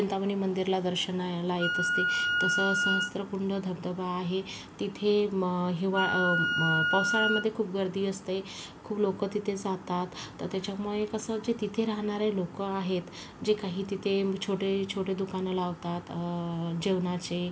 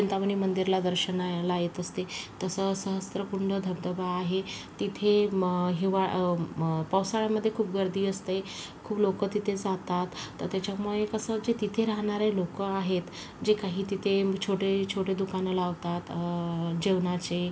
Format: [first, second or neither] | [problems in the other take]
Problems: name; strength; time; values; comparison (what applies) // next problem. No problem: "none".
second | background sound (Wind instrument, woodwind instrument); as loud as the speech